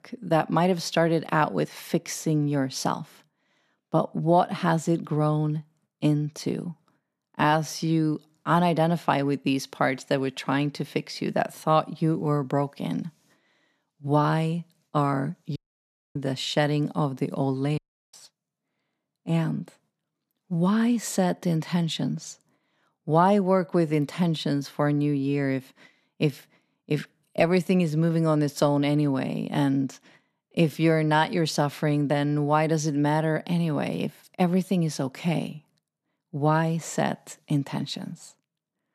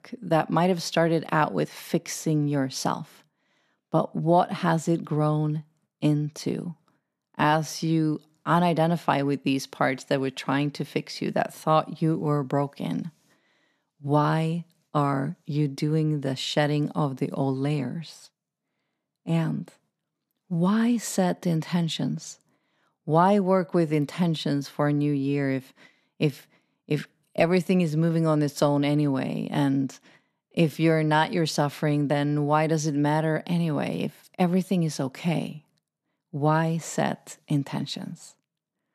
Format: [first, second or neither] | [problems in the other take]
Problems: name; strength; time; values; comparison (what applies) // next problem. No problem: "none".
second | audio cutting out; at 16 s for 0.5 s and at 18 s